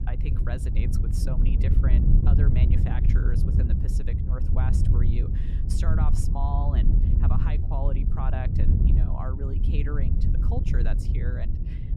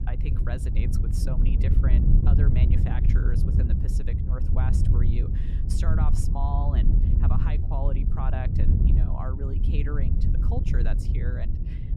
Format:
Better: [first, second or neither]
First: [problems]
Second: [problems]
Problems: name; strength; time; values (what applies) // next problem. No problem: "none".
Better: neither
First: wind noise on the microphone; heavy; as loud as the speech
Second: wind noise on the microphone; heavy; as loud as the speech